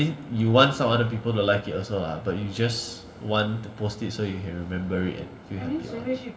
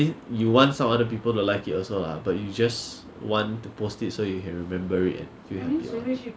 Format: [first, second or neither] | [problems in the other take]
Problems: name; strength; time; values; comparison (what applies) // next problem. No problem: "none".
second | room echo; dies away in 1.5 s